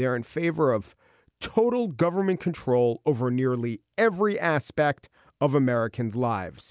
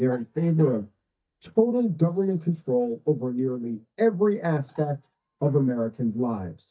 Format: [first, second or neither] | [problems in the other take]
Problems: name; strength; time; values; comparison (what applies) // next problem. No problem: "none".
first | noise reduction (neural mask model DeepFilterNet 3)